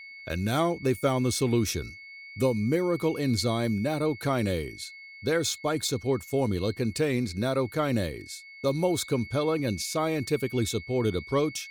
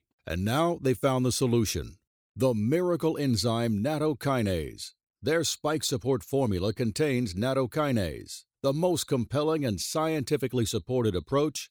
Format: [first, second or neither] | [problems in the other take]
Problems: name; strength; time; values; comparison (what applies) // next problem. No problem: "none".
second | high-pitched whine; noticeable; throughout; 2 kHz, 15 dB below the speech